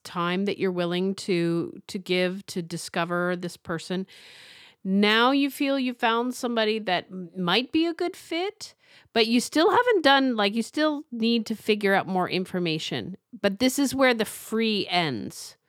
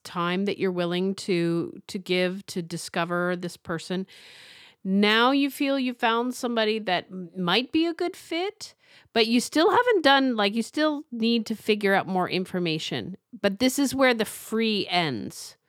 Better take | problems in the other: neither | none

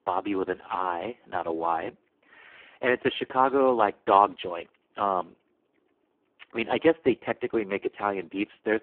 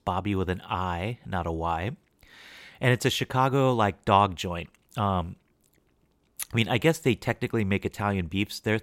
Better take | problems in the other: second | phone-call audio; poor line

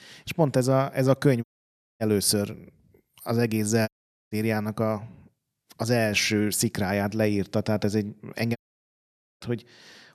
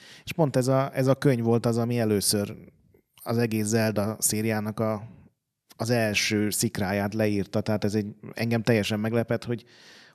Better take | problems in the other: second | audio cutting out; at 1.5 s for 0.5 s, at 4 s and at 8.5 s for 1 s

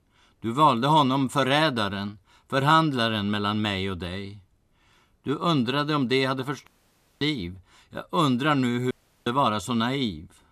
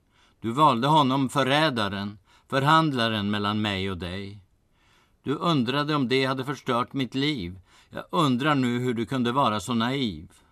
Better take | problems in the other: second | audio cutting out; at 6.5 s for 0.5 s and at 9 s

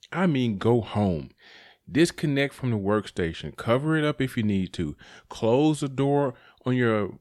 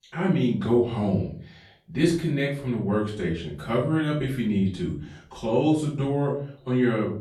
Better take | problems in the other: first | off-mic speech; far // room echo; noticeable; dies away in 0.4 s

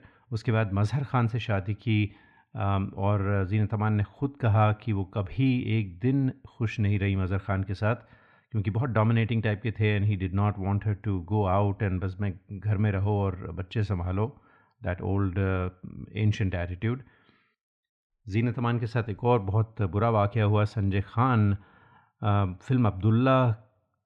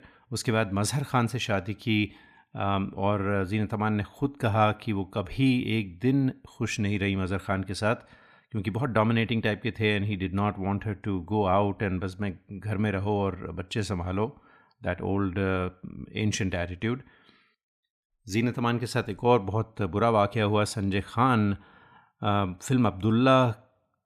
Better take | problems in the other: second | muffled; slightly; fading above 3 kHz

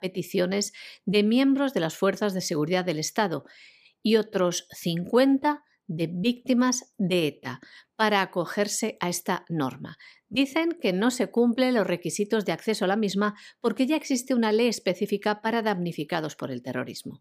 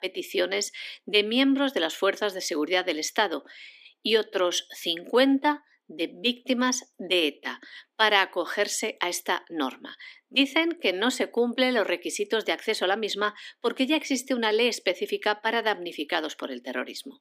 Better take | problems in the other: first | thin; very slightly; fading below 250 Hz

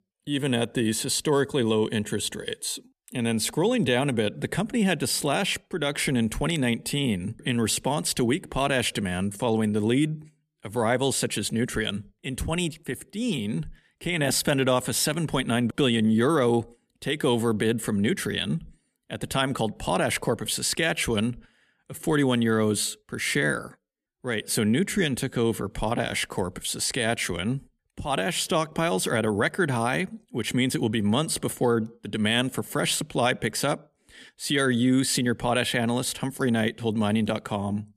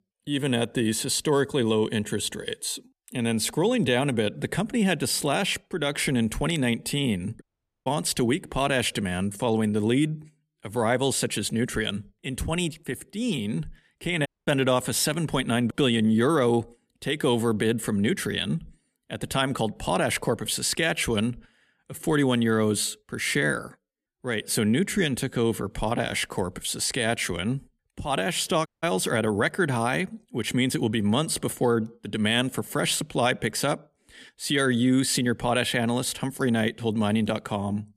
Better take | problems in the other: first | audio cutting out; at 7.5 s, at 14 s and at 29 s

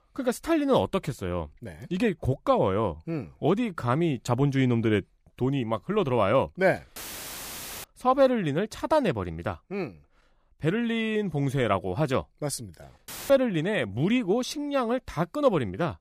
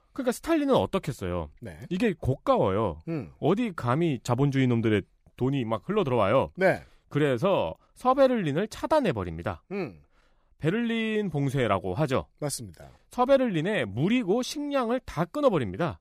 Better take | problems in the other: second | audio cutting out; filled with static; at 7 s for 1 s and at 13 s

